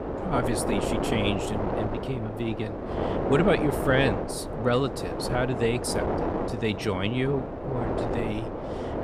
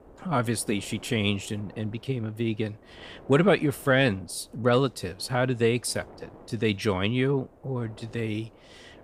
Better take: second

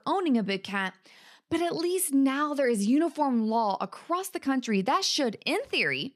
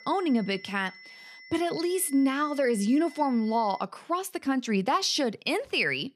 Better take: first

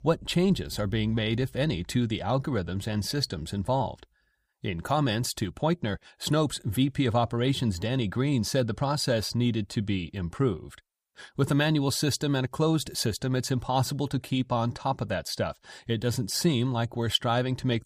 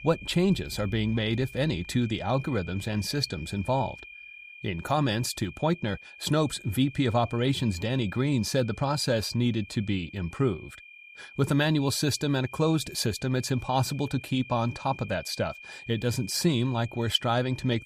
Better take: first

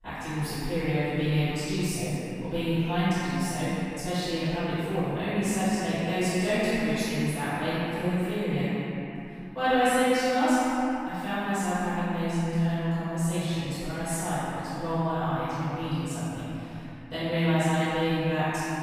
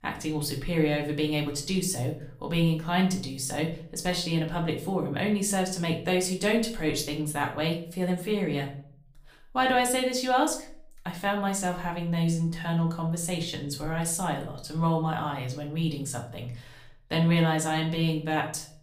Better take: second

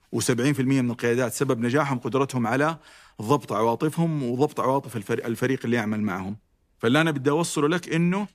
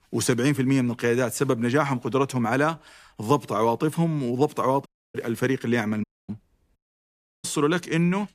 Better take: first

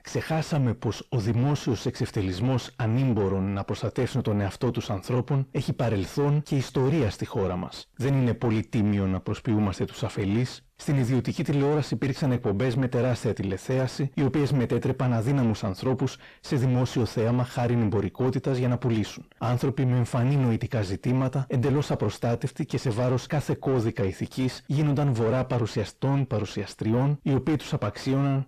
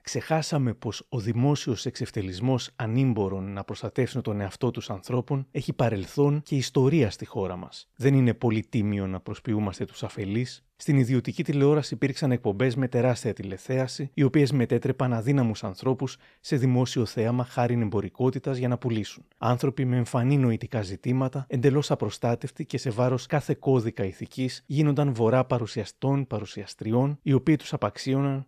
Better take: second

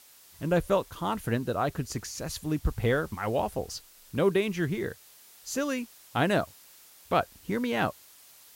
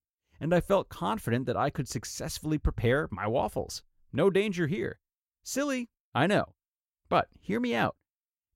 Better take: second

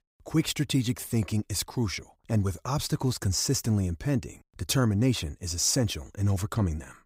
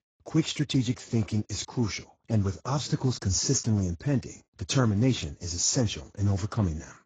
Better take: first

